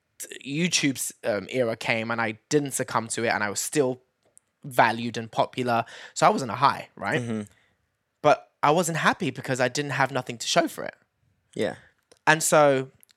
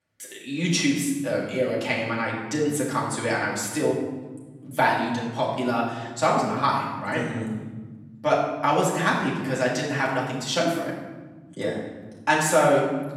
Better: first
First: none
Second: off-mic speech; far // room echo; noticeable; dies away in 1.5 s

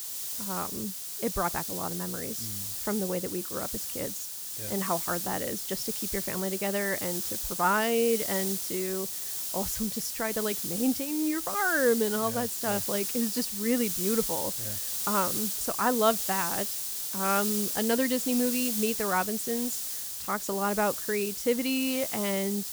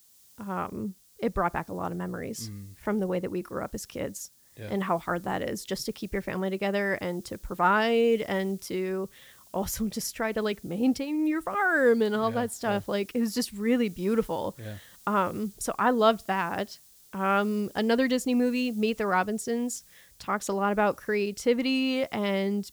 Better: second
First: hiss; loud; throughout; 1 dB below the speech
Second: hiss; faint; throughout; 25 dB below the speech

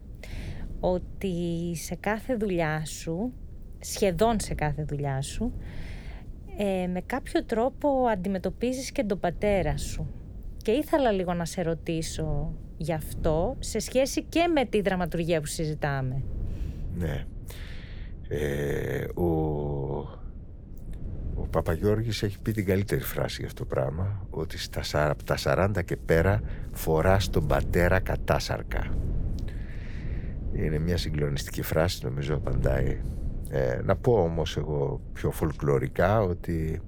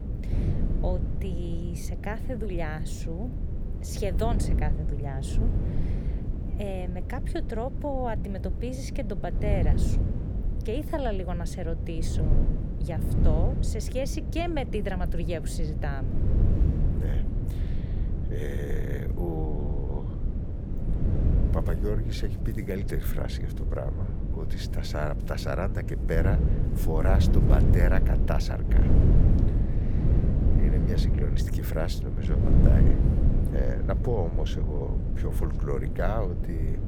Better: first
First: wind noise on the microphone; occasional gusts; 20 dB below the speech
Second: wind noise on the microphone; heavy; 4 dB below the speech

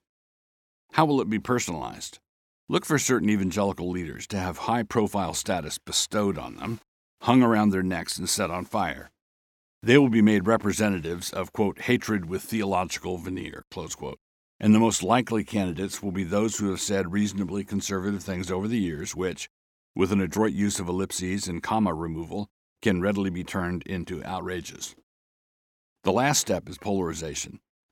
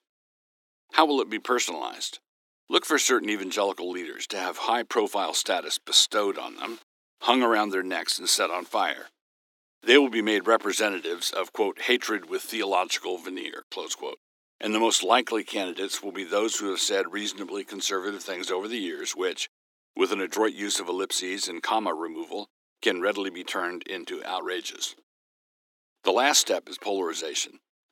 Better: first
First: none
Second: thin; somewhat; fading below 300 Hz

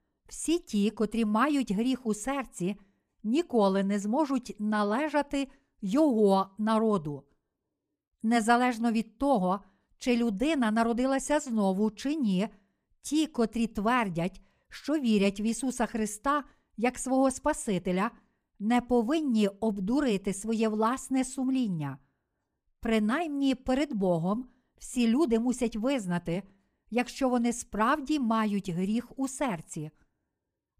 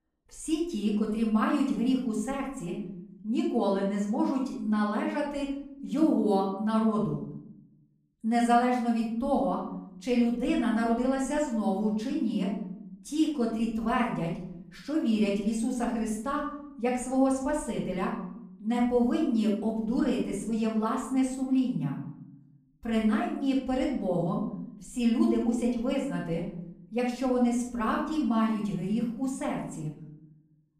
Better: first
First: none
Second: off-mic speech; far // room echo; noticeable; dies away in 0.8 s

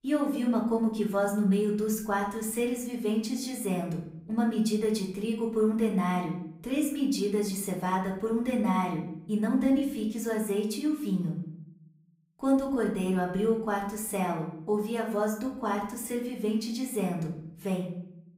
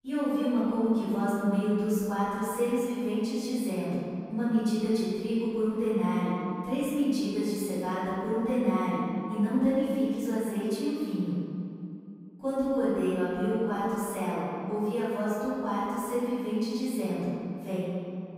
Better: first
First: room echo; slight; dies away in 0.7 s // off-mic speech; far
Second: room echo; strong; dies away in 2.4 s // off-mic speech; far

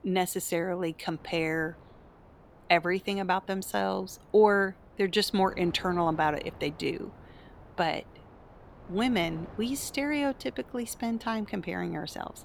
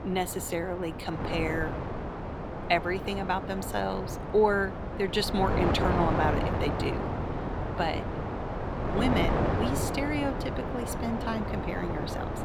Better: first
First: wind noise on the microphone; occasional gusts; 25 dB below the speech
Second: wind noise on the microphone; heavy; 3 dB below the speech

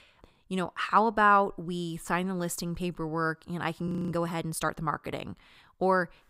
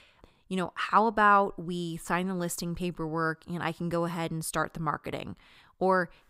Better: second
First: audio freezing; at 4 s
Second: none

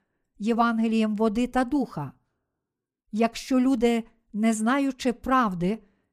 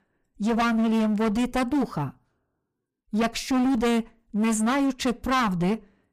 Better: first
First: none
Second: distortion; heavy; 21% of the sound clipped

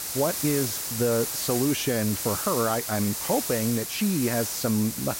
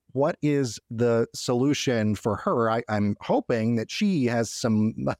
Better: second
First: hiss; loud; throughout; 2 dB below the speech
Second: none

